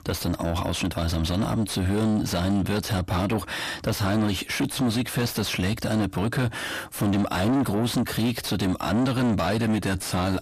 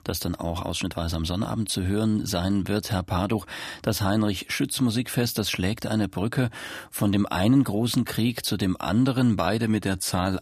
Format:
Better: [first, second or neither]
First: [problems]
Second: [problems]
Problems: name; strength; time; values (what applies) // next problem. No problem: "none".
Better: second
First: distortion; heavy; 7 dB below the speech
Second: none